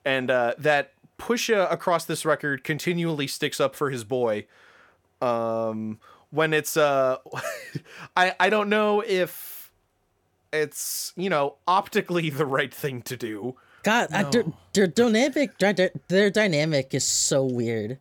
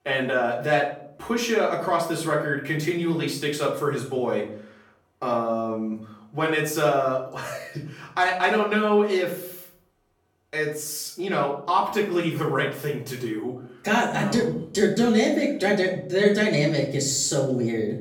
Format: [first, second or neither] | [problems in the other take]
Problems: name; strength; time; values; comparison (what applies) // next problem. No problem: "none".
first | off-mic speech; far // room echo; slight; dies away in 0.5 s